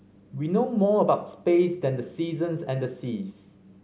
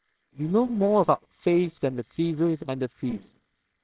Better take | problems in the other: first | noise reduction (neural separator model SepFormer WHAMR!)

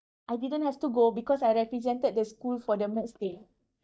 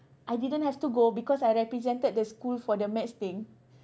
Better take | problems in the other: second | noise reduction (neural mask model DeepFilterNet 3)

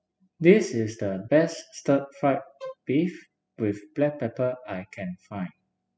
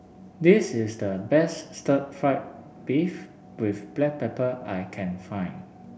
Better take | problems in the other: second | noise reduction (classical method spectral subtraction)

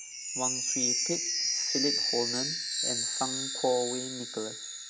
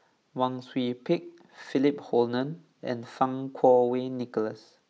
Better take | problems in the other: second | background sound (Chime); 3 dB above the speech

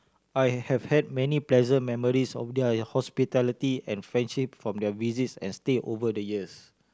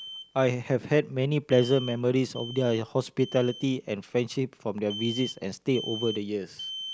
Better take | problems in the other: first | background sound (Alarm); 14 dB below the speech

